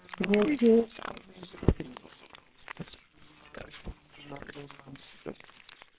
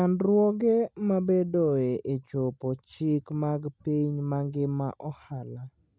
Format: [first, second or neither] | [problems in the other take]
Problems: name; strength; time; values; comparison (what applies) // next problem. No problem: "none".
second | noise reduction (neural separator model SepFormer WHAMR!)